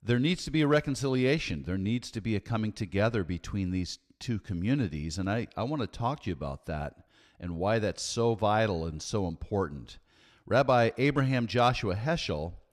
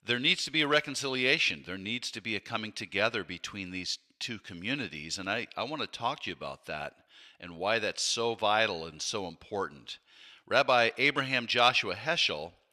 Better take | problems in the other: first | thin; somewhat; fading below 800 Hz

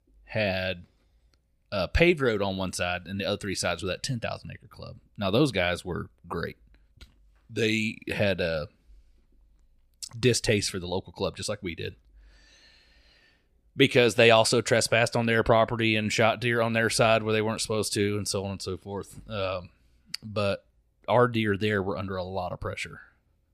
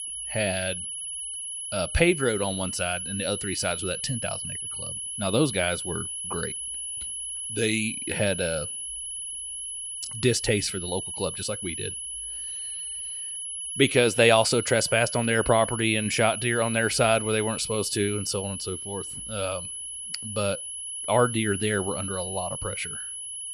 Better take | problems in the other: first | high-pitched whine; loud; throughout; 10.5 kHz, 5 dB below the speech

